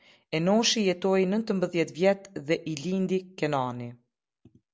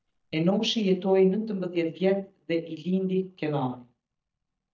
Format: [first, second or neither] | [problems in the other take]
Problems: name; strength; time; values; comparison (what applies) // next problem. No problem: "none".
first | noise reduction (neural mask model DeepFilterNet 3)